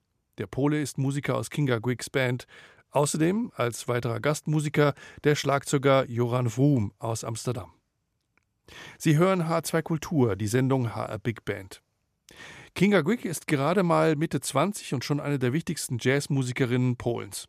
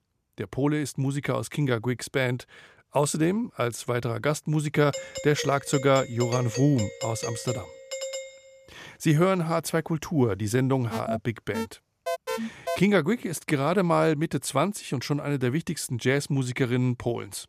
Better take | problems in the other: first | doorbell; noticeable; from 5 to 8.5 s; peak 7 dB below the speech // alarm; noticeable; from 11 to 13 s; peak 4 dB below the speech

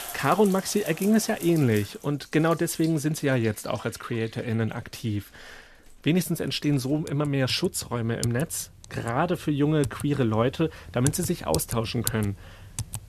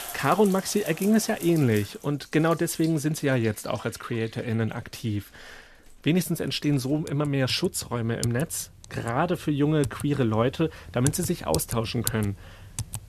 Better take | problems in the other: neither | household noises; noticeable; throughout; 10 dB below the speech; the same in both

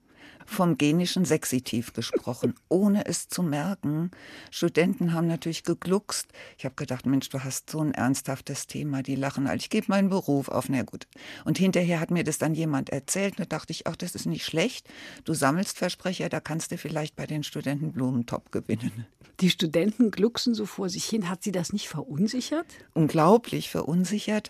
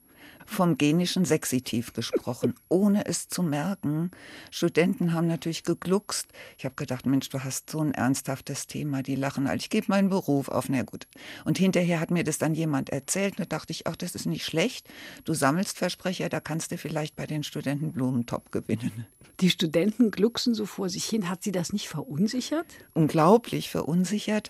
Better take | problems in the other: first | high-pitched whine; faint; throughout; 11.5 kHz, 30 dB below the speech

